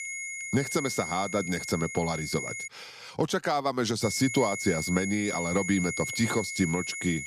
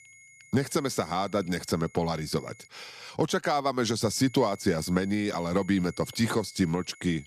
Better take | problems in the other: second | high-pitched whine; loud; until 2.5 s and from 4 s on; 2 kHz, 5 dB below the speech; faint in the second

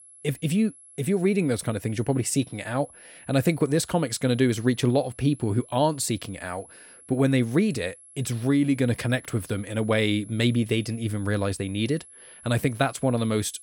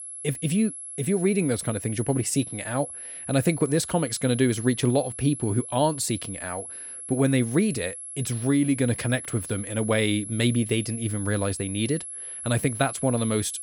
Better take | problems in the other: first | high-pitched whine; loud; throughout; 11 kHz, 9 dB below the speech; faint in the first

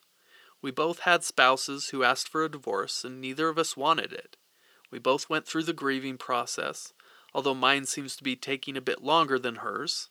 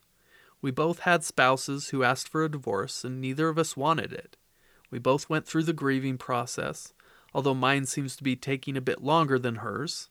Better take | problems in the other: second | thin; very slightly; fading below 300 Hz

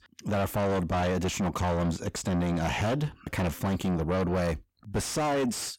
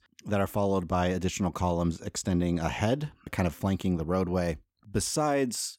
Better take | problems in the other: second | distortion; heavy; 6 dB below the speech

